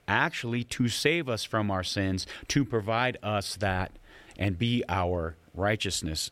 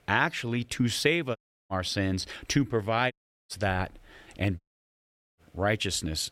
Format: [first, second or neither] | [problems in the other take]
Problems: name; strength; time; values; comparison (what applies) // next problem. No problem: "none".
first | audio cutting out; at 1.5 s, at 3 s and at 4.5 s for 1 s